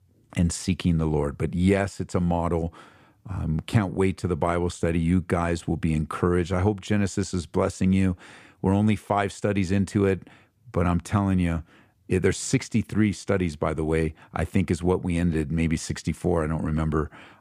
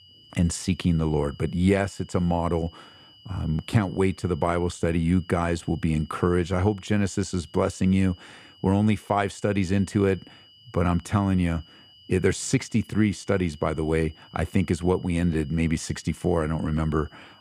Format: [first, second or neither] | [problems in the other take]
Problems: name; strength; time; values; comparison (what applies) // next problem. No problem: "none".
first | high-pitched whine; faint; throughout; 3 kHz, 25 dB below the speech